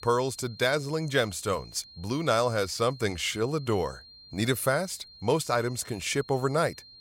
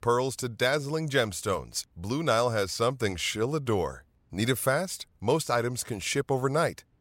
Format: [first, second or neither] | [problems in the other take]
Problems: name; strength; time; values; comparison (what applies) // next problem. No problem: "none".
second | high-pitched whine; noticeable; throughout; 4 kHz, 20 dB below the speech